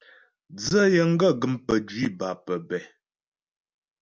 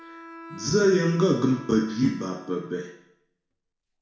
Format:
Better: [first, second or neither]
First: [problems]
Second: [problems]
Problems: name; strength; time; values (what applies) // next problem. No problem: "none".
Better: first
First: none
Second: background sound (Bowed string instrument); 19 dB below the speech // room echo; dies away in 0.6 s